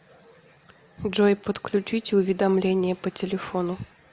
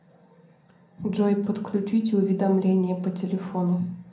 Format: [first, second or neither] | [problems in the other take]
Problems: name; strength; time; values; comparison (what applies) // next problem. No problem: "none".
first | room echo; dies away in 0.5 s